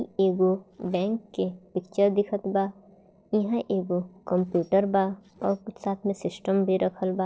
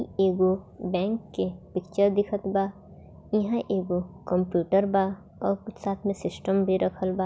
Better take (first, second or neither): second